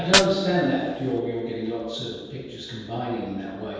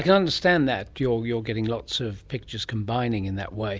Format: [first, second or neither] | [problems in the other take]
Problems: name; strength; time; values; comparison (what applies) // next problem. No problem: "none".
second | background sound (Fire); 5 dB below the speech // room echo; dies away in 1.2 s